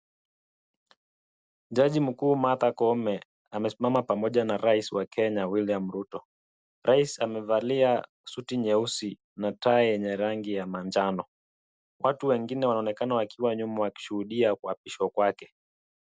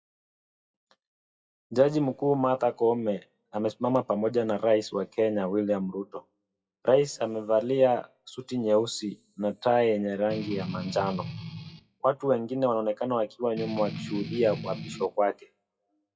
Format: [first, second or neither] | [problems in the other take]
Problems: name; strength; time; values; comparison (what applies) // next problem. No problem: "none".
first | noise reduction (classical method WPE with log-MMSE)